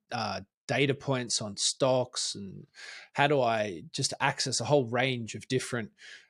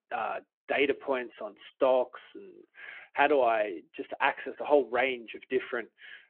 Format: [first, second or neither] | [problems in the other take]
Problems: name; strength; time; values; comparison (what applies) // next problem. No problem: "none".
first | phone-call audio